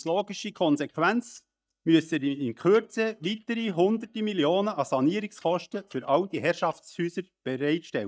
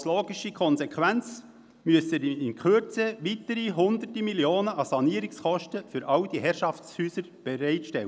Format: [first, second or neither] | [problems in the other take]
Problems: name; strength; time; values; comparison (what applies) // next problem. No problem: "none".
second | noise reduction (neural mask model DeepFilterNet 3)